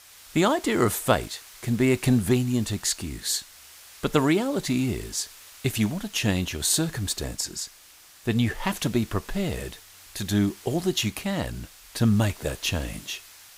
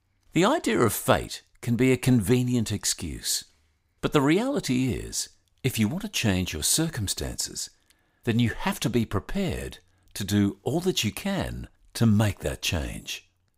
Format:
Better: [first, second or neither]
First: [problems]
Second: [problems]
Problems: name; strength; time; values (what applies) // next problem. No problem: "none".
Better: second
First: hiss; noticeable; throughout; 20 dB below the speech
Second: none